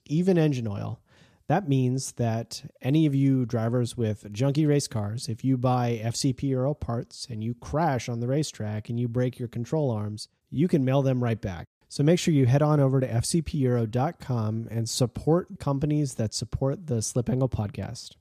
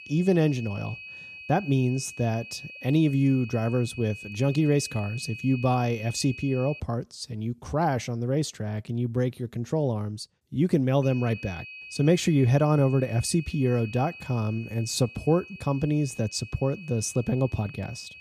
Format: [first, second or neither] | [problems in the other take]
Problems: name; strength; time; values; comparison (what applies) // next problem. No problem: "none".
first | high-pitched whine; noticeable; until 7 s and from 11 s on; 2.5 kHz, 15 dB below the speech